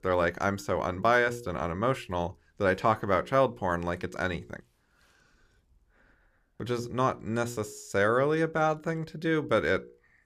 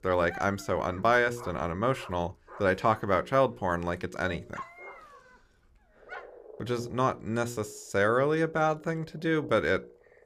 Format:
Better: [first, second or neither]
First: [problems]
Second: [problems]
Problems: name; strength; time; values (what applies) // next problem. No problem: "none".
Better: first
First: none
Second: animal sounds; faint; throughout; 20 dB below the speech